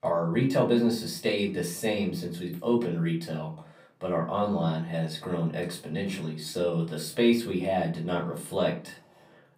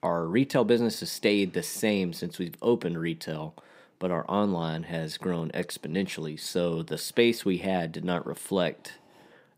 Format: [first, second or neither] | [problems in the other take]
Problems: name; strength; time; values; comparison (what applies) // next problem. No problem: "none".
second | off-mic speech; far // room echo; very slight; dies away in 0.3 s